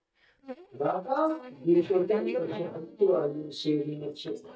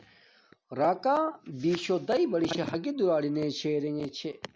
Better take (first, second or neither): second